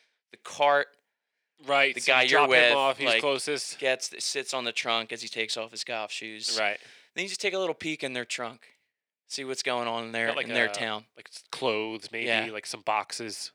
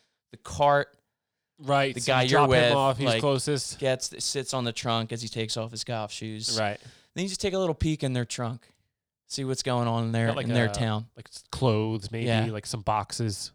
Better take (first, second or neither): second